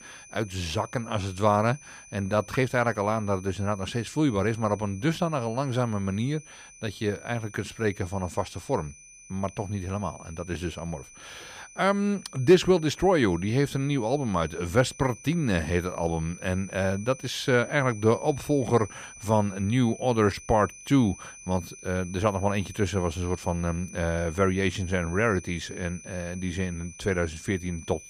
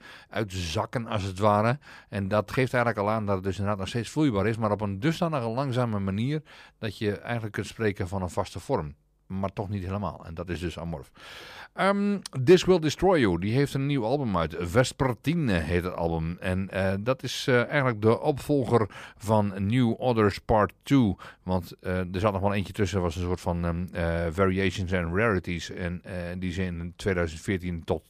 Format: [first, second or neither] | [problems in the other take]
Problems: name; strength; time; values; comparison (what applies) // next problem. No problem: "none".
second | high-pitched whine; noticeable; throughout; 6 kHz, 20 dB below the speech